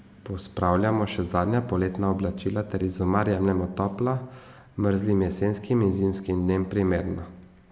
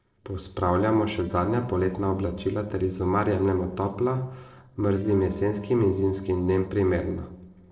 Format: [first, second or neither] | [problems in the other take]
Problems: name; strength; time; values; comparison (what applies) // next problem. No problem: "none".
first | noise reduction (neural separator model SepFormer DNS4)